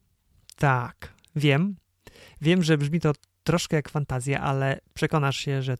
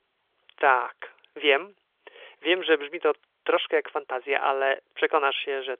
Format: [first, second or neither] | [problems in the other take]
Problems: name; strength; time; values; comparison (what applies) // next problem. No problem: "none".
first | phone-call audio; nothing above 3.5 kHz